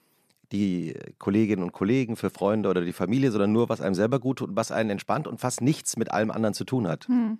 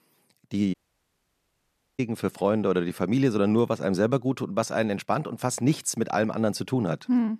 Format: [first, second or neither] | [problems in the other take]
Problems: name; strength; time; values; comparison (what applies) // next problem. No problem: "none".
first | audio cutting out; at 0.5 s for 1.5 s